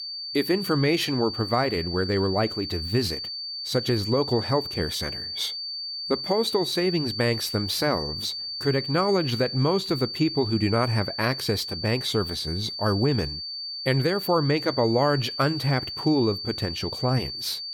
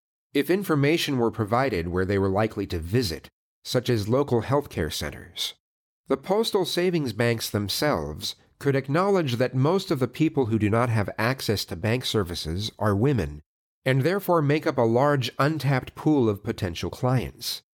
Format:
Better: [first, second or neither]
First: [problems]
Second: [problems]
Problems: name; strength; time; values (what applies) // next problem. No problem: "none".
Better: second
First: high-pitched whine; loud; throughout; 4.5 kHz, 5 dB below the speech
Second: none